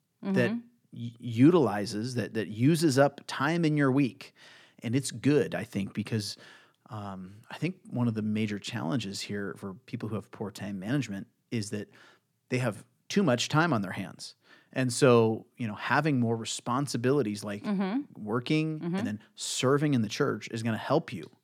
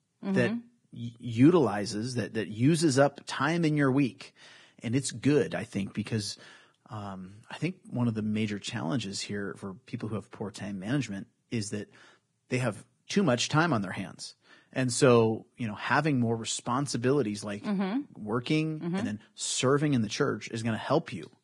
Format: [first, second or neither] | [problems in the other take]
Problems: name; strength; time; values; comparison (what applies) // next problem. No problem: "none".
first | garbled, watery; badly; nothing above 10 kHz